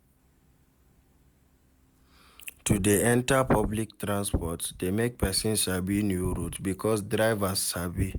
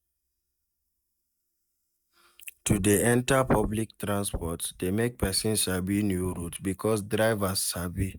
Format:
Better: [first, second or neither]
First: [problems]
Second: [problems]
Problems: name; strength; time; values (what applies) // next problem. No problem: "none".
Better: first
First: none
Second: noise reduction (neural mask model DeepFilterNet 3)